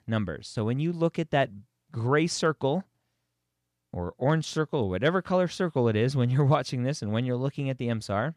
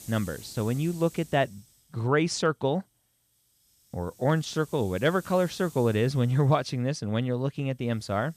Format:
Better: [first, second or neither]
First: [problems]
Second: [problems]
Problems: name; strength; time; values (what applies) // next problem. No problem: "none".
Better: first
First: none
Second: hiss; faint; throughout; 20 dB below the speech